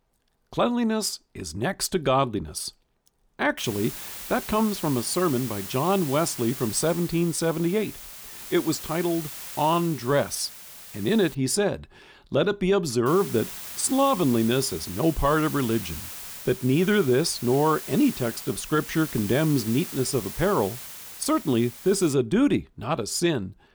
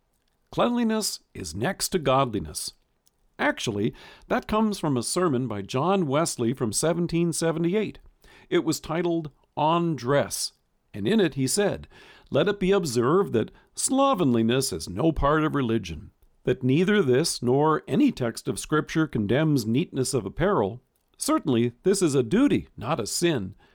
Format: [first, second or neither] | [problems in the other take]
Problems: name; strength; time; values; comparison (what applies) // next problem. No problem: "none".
second | hiss; noticeable; from 3.5 to 11 s and from 13 to 22 s; 10 dB below the speech